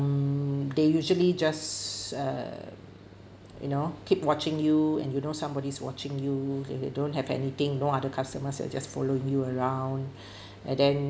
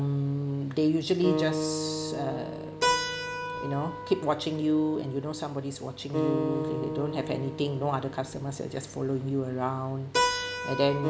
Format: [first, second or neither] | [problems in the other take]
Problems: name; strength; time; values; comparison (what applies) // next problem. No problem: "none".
first | background sound (Acoustic guitar + Keyboard (musical)); 3 dB below the speech